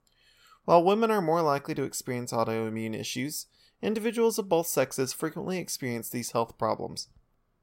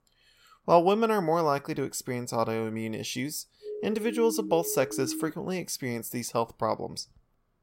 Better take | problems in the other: first | siren; noticeable; from 3.5 to 5.5 s; peak 7 dB below the speech

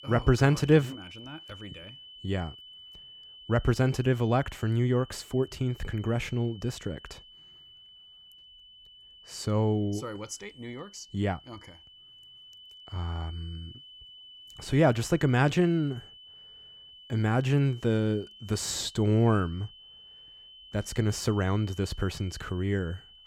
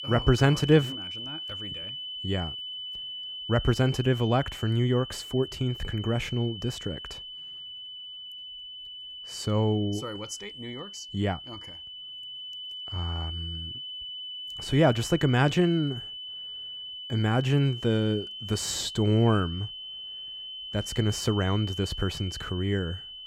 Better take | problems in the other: first | high-pitched whine; loud; throughout; 3 kHz, 10 dB below the speech; faint in the first

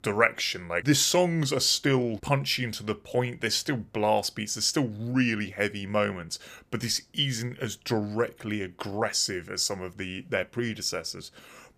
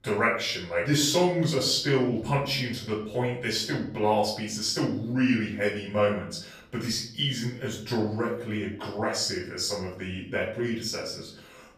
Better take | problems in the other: first | off-mic speech; far // room echo; noticeable; dies away in 0.5 s

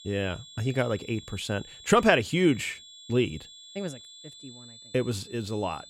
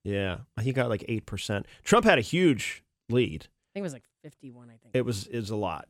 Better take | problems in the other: second | high-pitched whine; noticeable; throughout; 3.5 kHz, 20 dB below the speech

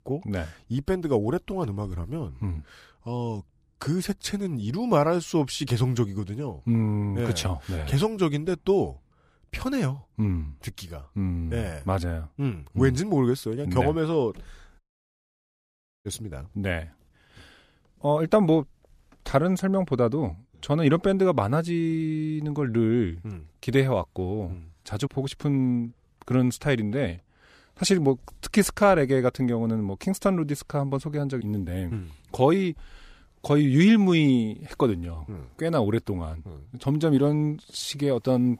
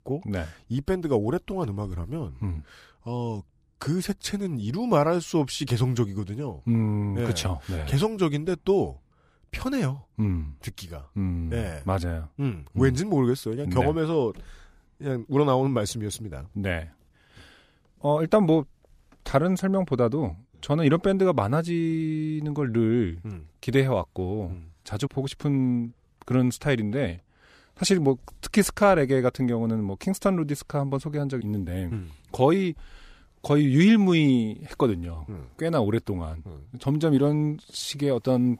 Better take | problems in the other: second | audio cutting out; at 15 s for 1.5 s

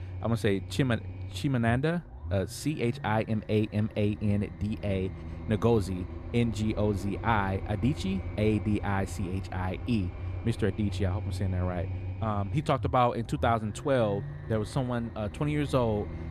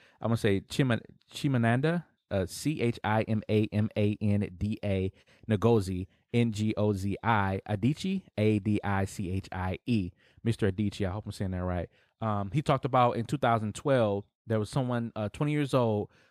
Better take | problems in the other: second | low rumble; noticeable; throughout; 15 dB below the speech

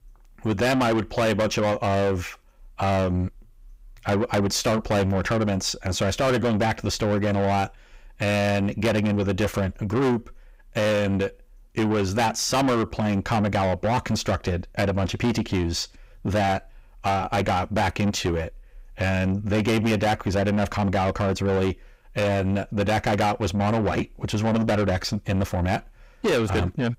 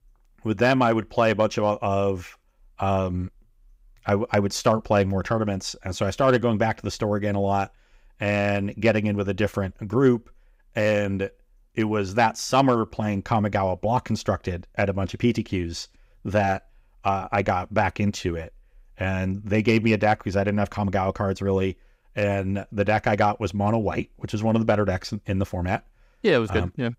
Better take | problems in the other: second | distortion; heavy; 7 dB below the speech

